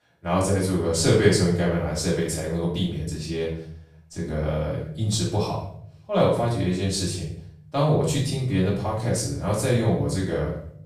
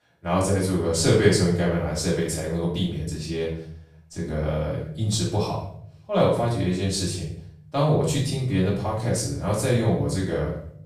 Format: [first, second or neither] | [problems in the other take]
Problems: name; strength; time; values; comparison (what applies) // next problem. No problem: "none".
neither | off-mic speech; far; the same in both // room echo; noticeable; dies away in 0.6 s; the same in both